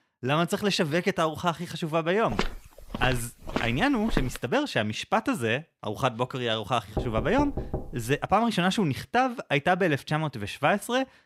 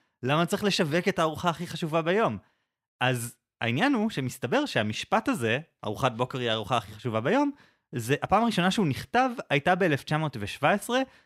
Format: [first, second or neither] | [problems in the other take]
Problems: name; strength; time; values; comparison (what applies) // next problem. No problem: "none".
second | footsteps; noticeable; from 2.5 to 4.5 s; peak 5 dB below the speech // door banging; noticeable; from 7 to 8 s; peak 6 dB below the speech